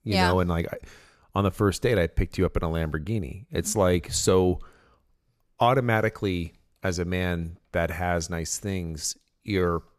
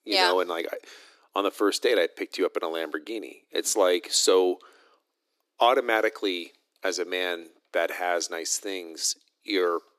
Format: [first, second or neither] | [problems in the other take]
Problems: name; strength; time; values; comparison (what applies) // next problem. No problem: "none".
first | thin; somewhat; fading below 300 Hz